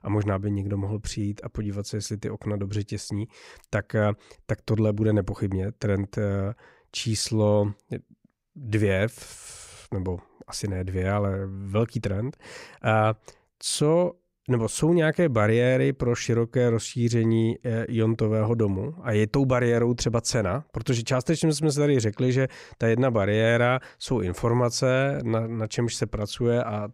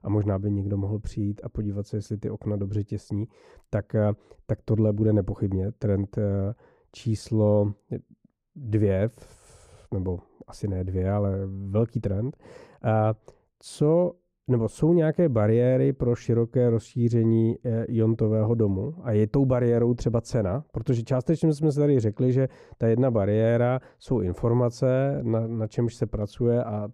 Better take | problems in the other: first | muffled; slightly; fading above 1 kHz

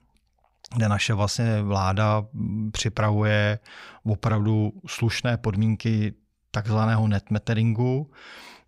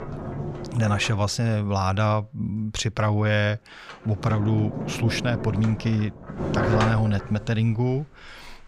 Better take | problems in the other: first | household noises; loud; throughout; 7 dB below the speech

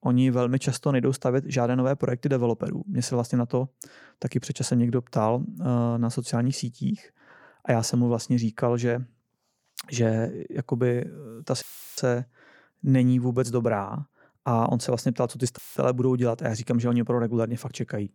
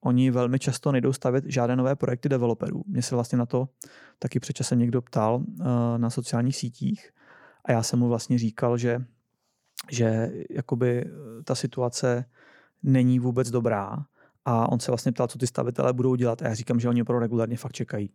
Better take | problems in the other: second | audio cutting out; filled with static; at 12 s and at 16 s

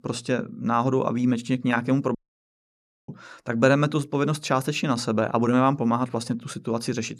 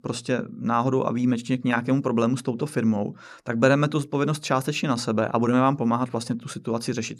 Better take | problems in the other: second | audio cutting out; at 2 s for 1 s

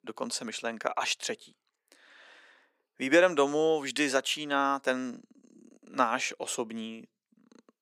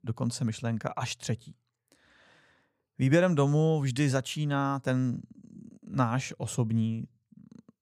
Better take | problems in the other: second | thin; somewhat; fading below 300 Hz

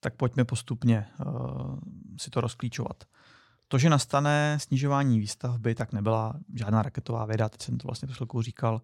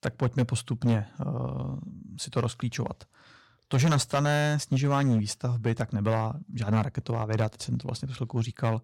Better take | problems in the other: first | distortion; slight; 5% of the sound clipped

